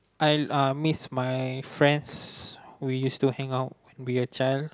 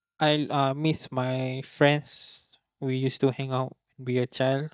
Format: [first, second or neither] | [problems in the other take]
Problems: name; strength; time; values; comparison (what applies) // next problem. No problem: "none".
first | noise reduction (neural mask model DeepFilterNet 3)